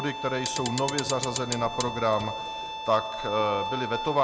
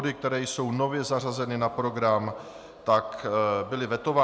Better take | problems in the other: second | background sound (Bowed string instrument + Clock); 5 dB below the speech

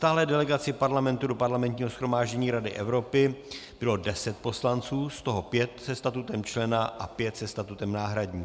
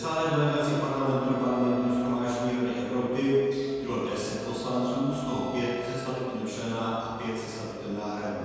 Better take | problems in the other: first | background sound (Wind instrument, woodwind instrument); 16 dB below the speech // room echo; dies away in 2.1 s

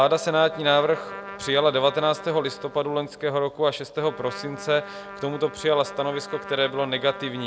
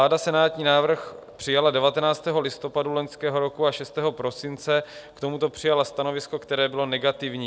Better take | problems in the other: second | background sound (Trumpet); 15 dB below the speech

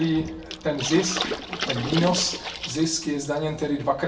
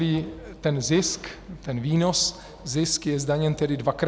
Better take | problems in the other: second | background sound (Water / Splash, splatter); 8 dB below the speech // room echo; dies away in 0.3 s

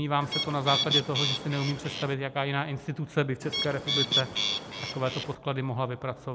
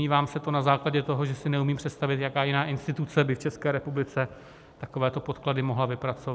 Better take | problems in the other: second | background sound (Bird); as loud as the speech

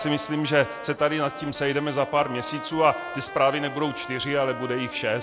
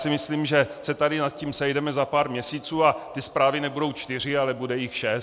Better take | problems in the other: second | background sound (Trumpet); 12 dB below the speech

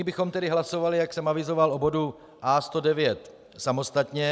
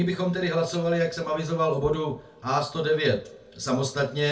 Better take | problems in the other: first | room echo; dies away in 0.2 s

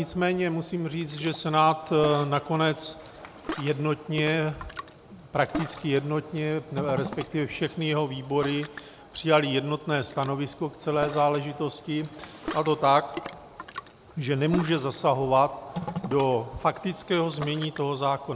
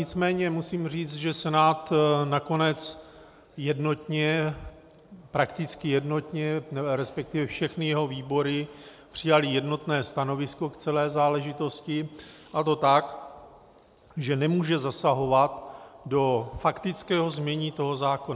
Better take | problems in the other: second | background sound (Ocean); 13 dB below the speech

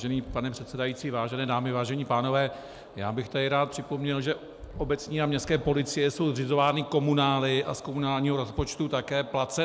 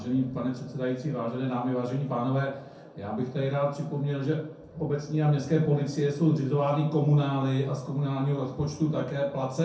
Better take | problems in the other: first | room echo; dies away in 0.5 s

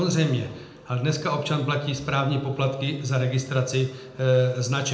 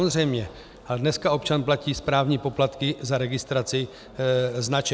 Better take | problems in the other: second | room echo; dies away in 0.7 s

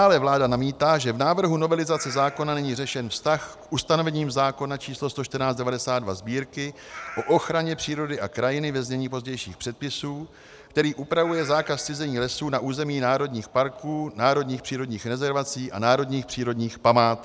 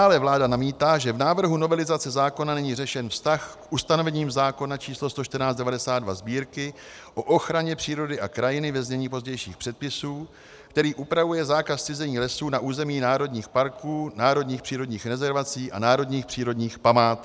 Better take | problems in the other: second | background sound (Meow); 18 dB below the speech

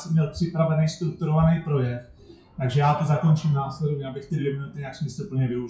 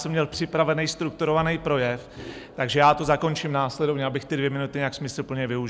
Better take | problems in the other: second | noise reduction (classical method WPE with log-MMSE)

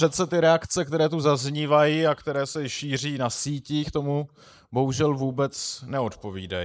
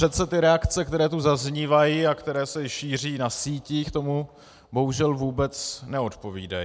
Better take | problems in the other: second | noise reduction (neural mask model Resemble Enhance denoiser)

